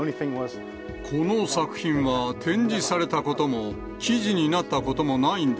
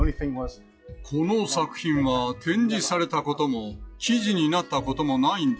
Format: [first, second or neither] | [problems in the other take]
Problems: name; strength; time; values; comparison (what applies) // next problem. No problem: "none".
first | noise reduction (classical method log-MMSE)